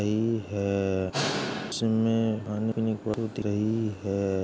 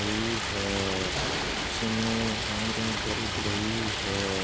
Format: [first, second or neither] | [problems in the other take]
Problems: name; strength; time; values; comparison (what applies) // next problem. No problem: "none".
first | background sound (Stream); 1 dB above the speech